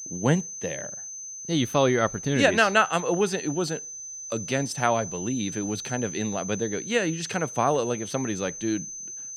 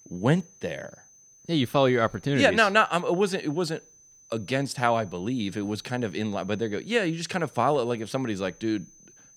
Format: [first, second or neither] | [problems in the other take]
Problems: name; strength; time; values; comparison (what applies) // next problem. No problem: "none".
second | high-pitched whine; loud; throughout; 6 kHz, 9 dB below the speech; faint in the second